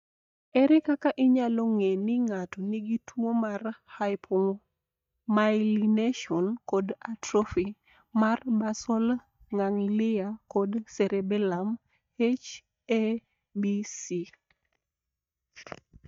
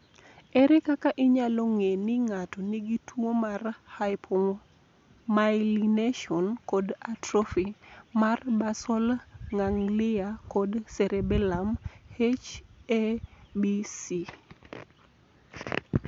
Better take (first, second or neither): second